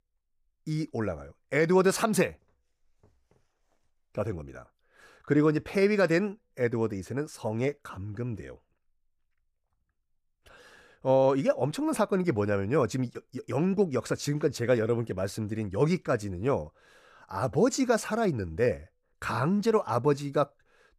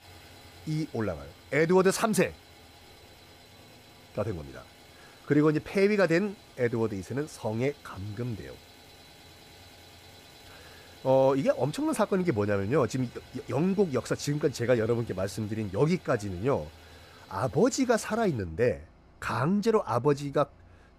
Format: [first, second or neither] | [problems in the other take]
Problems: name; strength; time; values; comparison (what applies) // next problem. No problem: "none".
first | traffic noise; faint; throughout; 25 dB below the speech